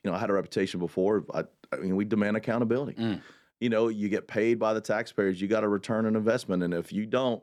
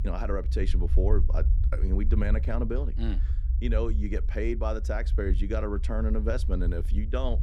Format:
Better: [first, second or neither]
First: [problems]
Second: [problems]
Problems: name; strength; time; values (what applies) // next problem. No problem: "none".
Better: first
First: none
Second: low rumble; noticeable; throughout; 15 dB below the speech